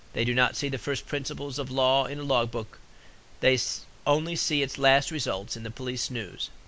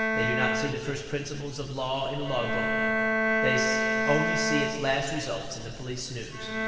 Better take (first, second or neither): first